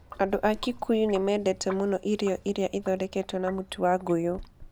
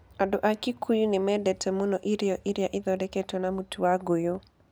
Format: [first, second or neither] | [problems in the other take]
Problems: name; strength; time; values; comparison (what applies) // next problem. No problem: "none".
second | background sound (Sink (filling or washing)); 19 dB below the speech